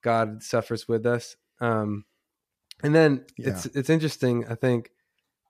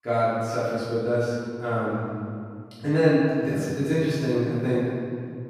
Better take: first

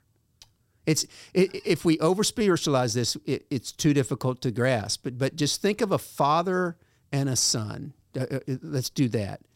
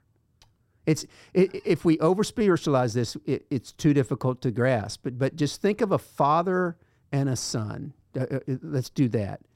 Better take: first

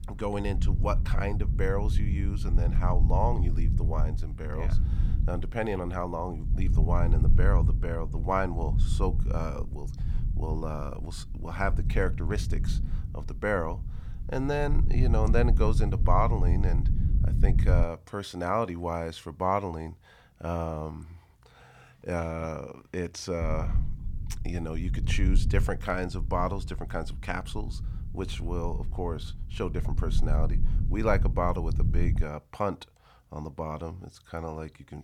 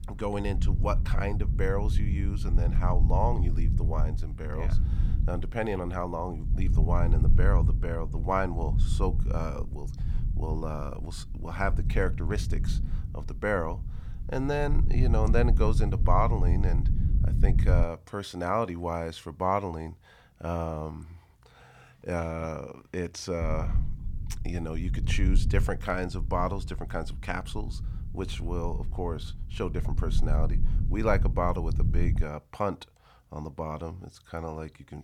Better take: neither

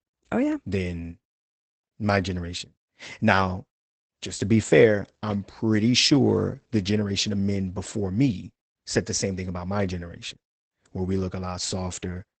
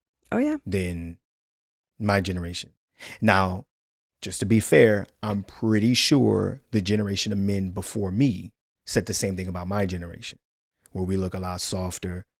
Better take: second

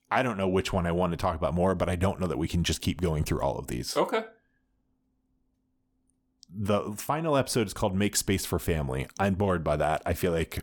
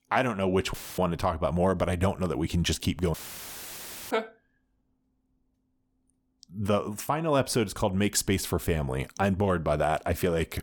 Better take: first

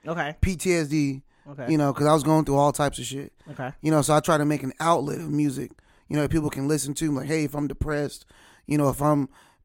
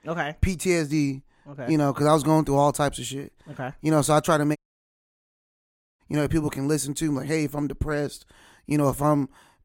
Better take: first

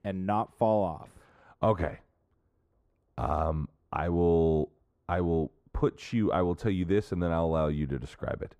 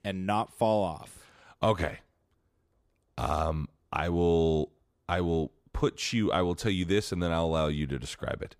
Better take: second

